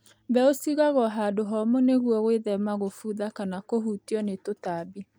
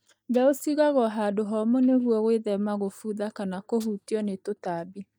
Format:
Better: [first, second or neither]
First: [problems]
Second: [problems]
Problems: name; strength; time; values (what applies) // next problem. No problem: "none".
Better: first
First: none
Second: noise reduction (neural mask model DeepFilterNet 3)